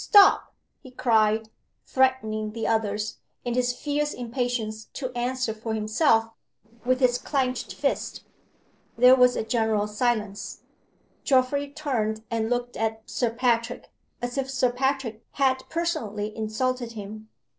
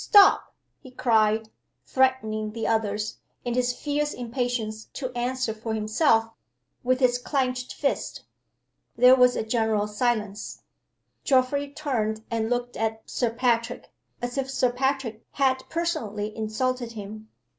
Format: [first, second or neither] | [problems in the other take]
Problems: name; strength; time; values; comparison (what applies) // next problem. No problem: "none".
second | noise reduction (neural separator model SepFormer DNS4)